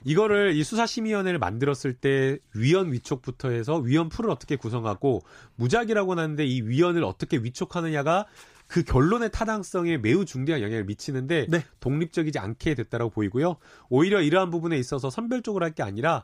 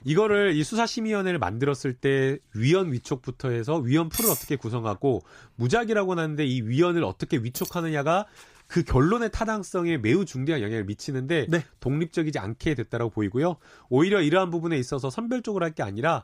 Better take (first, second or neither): first